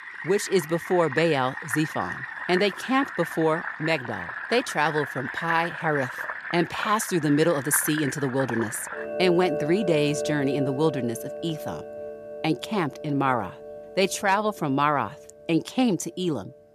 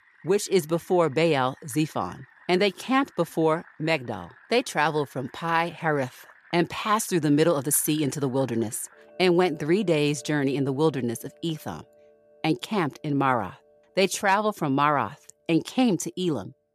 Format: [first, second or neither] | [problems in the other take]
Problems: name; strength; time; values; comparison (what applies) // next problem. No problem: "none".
second | household noises; loud; throughout; 8 dB below the speech; faint in the second